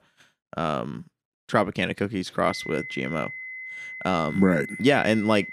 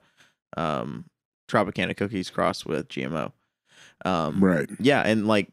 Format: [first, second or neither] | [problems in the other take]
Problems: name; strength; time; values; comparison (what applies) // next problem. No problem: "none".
second | high-pitched whine; noticeable; from 2.5 s on; 2 kHz, 10 dB below the speech